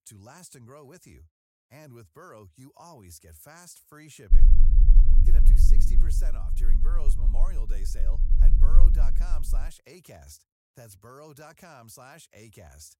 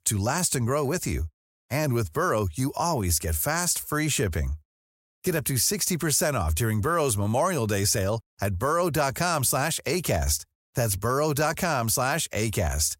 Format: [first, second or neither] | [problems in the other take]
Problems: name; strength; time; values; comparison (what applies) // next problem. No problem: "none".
second | low rumble; loud; from 4.5 to 9.5 s; 2 dB below the speech